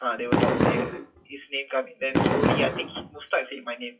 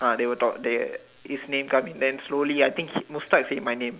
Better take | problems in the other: second | noise reduction (classical method WPE with log-MMSE)

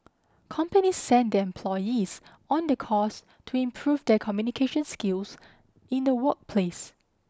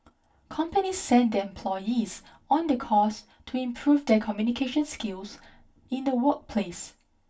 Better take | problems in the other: first | room echo; dies away in 0.2 s

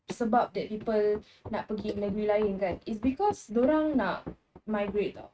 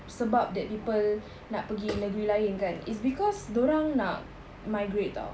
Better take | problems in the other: second | noise reduction (neural mask model RNNoise)

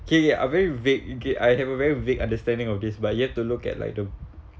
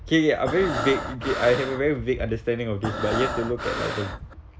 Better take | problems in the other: first | background sound (Breathing); 6 dB below the speech

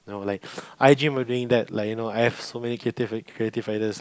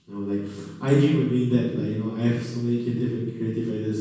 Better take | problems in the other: first | room echo; dies away in 1.2 s

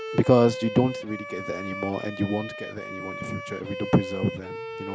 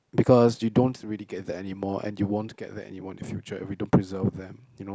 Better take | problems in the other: second | background sound (Bowed string instrument); 10 dB below the speech

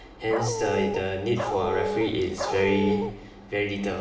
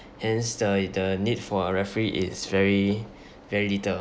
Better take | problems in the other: second | background sound (Dog); 3 dB below the speech // room echo; dies away in 1.1 s

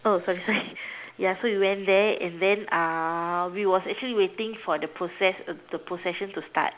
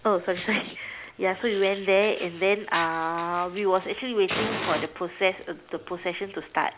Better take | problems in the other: first | background sound (Fire); 12 dB below the speech

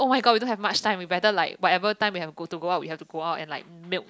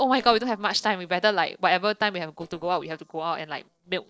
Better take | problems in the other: first | noise reduction (neural separator model SepFormer DNS4)

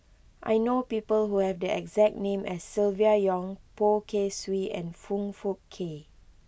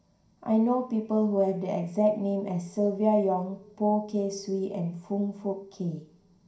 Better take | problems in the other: first | room echo; dies away in 0.5 s

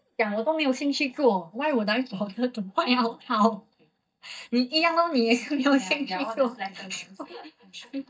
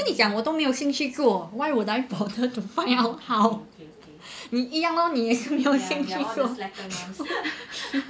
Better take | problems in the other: second | noise reduction (neural mask model DeepFilterNet 3)

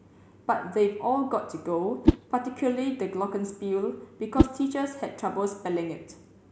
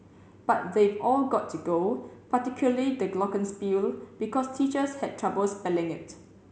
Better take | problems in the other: second | background sound (Whoosh, swoosh, swish); 1 dB below the speech

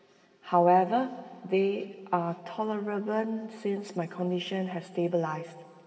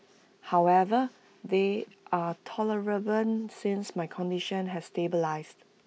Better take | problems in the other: second | room echo; dies away in 2 s

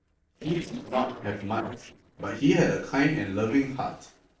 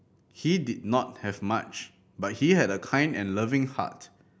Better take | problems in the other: second | noise reduction (neural separator model SepFormer DNS4)

